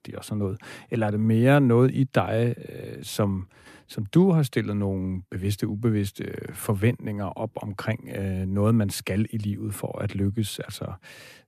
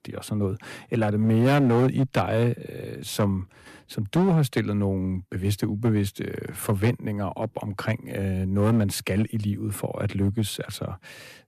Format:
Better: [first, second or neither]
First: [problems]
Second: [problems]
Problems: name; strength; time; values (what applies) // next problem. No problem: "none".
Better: first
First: none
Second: distortion; slight; 6% of the sound clipped